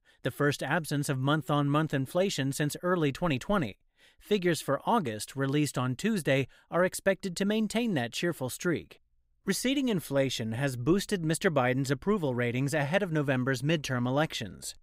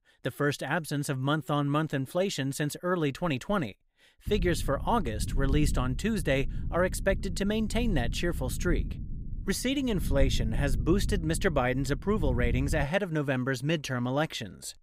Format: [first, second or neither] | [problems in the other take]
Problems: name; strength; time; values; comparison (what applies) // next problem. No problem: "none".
first | low rumble; noticeable; from 4.5 to 13 s; 20 dB below the speech